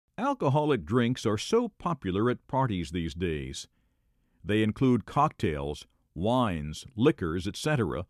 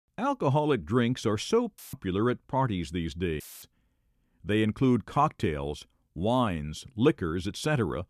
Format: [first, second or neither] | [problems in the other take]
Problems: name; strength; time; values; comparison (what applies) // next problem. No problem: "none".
first | audio cutting out; filled with static; at 2 s and at 3.5 s